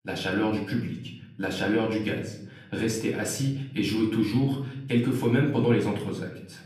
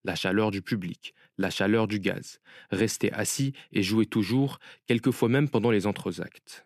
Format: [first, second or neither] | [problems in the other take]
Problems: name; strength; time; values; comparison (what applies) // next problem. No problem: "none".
second | off-mic speech; far // room echo; slight; dies away in 0.7 s